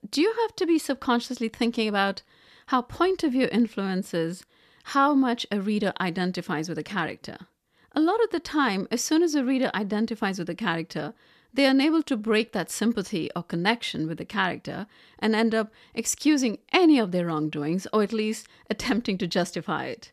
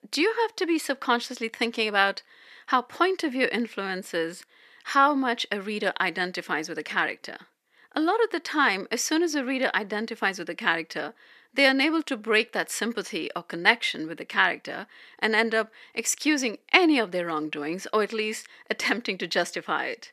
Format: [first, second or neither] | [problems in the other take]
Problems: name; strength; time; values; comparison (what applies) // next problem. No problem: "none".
first | thin; somewhat; fading below 350 Hz